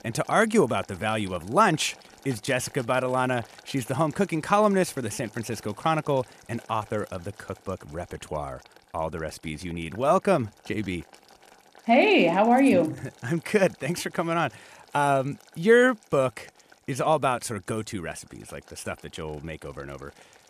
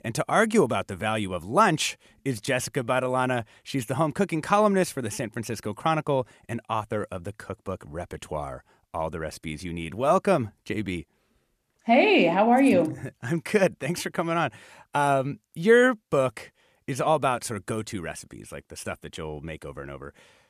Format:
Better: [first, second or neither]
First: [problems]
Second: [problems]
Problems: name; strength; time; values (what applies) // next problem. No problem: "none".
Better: second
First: household noises; faint; throughout; 25 dB below the speech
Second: none